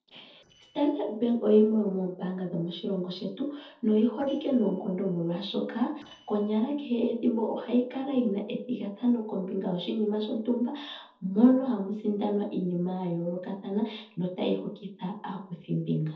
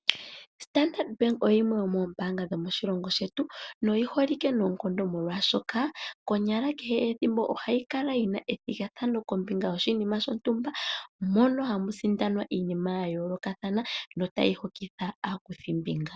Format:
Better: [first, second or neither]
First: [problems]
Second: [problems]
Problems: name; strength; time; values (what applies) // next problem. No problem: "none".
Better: second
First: noise reduction (neural separator model SepFormer DNS4)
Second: none